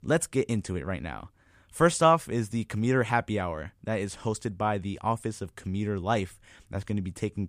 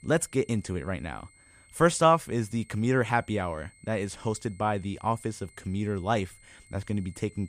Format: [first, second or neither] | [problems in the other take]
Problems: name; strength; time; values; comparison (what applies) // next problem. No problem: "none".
first | high-pitched whine; faint; throughout; 2 kHz, 25 dB below the speech